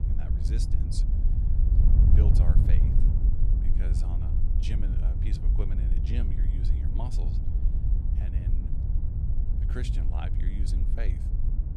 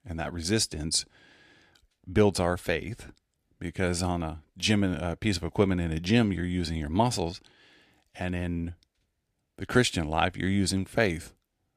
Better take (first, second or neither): second